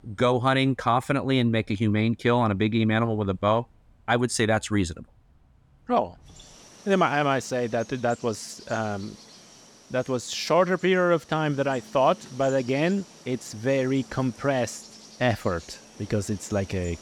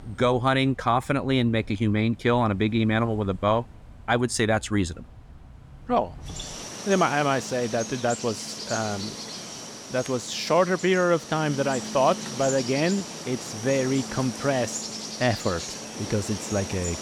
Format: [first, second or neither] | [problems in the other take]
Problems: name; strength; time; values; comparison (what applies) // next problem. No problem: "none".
first | animal sounds; loud; throughout; 9 dB below the speech; faint in the first